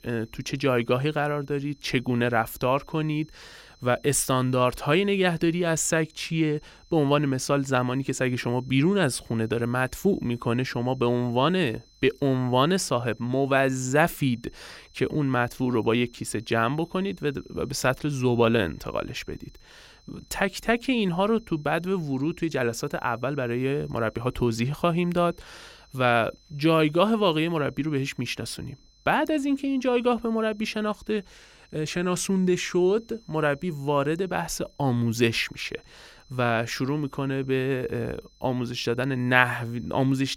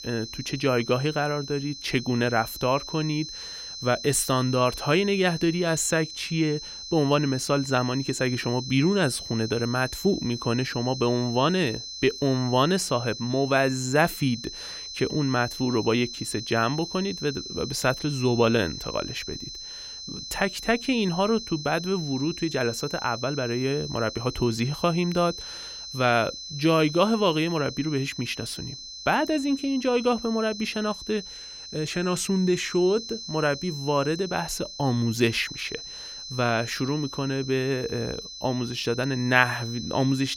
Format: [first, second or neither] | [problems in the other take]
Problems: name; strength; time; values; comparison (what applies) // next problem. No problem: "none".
first | high-pitched whine; loud; throughout; 4 kHz, 10 dB below the speech; faint in the first